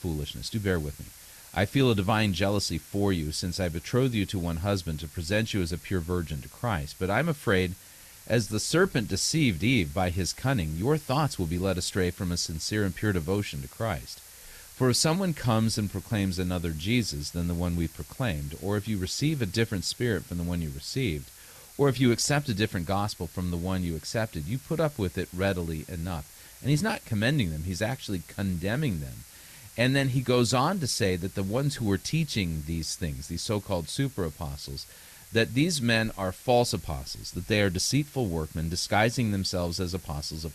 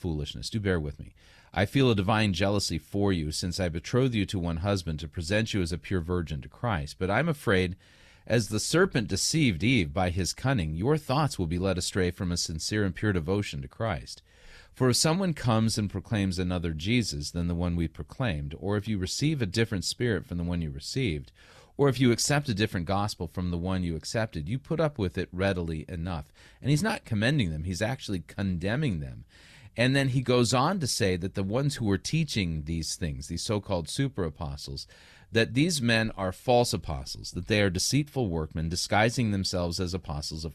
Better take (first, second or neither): second